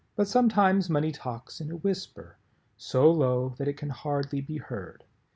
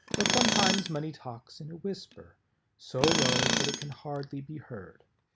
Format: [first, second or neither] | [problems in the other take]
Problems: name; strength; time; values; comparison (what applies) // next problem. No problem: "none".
first | background sound (Tools); 2 dB above the speech